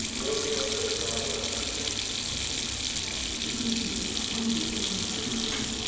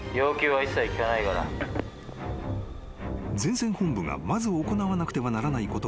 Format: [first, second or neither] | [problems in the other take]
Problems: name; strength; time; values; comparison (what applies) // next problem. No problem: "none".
second | background sound (Sink (filling or washing)); 4 dB above the speech // room echo; dies away in 2.2 s